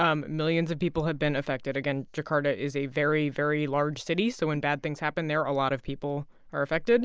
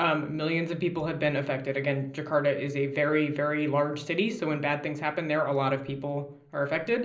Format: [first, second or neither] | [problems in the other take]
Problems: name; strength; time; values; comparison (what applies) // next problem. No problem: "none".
first | room echo; dies away in 0.5 s